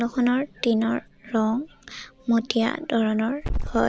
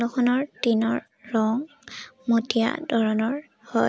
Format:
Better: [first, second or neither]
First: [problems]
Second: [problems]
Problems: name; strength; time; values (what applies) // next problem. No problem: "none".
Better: second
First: background sound (Growling / Hiss); 11 dB below the speech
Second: none